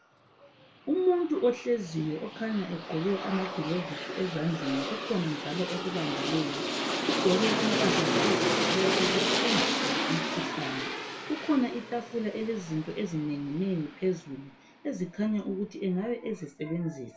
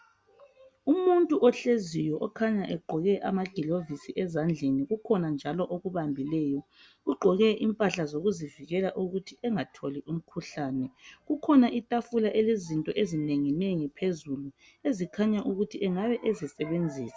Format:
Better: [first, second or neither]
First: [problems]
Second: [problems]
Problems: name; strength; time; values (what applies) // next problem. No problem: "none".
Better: second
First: background sound (Aircraft); 1 dB below the speech // room echo; dies away in 0.2 s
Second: none